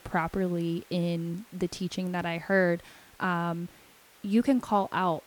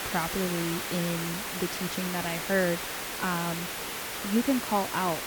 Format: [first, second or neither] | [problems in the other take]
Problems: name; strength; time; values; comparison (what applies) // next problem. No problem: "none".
first | hiss; loud; throughout; 2 dB below the speech; faint in the first